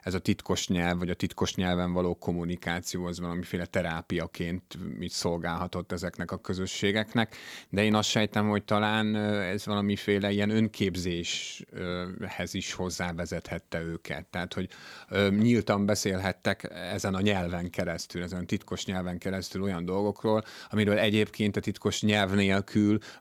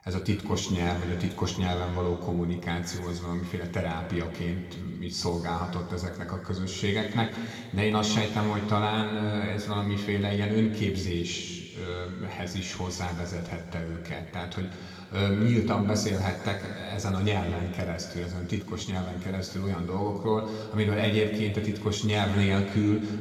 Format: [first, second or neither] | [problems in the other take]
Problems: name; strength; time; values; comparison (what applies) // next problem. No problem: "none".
first | room echo; noticeable; dies away in 1.9 s // off-mic speech; somewhat distant